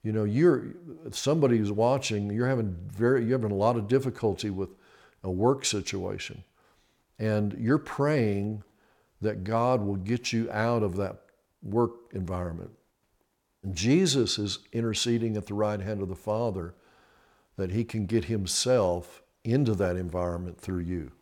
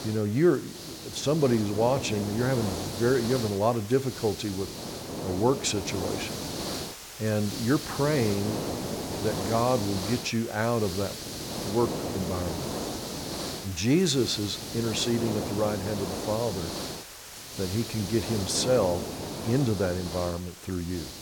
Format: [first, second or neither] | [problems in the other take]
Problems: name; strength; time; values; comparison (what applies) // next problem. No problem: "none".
first | hiss; loud; throughout; 6 dB below the speech